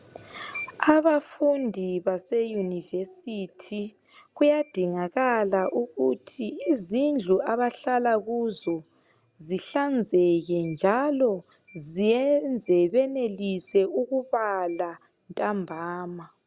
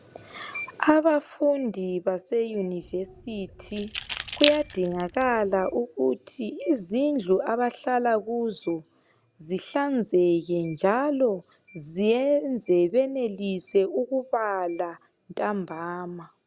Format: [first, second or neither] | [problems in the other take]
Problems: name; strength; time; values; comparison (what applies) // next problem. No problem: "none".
first | background sound (Keys jangling); 9 dB below the speech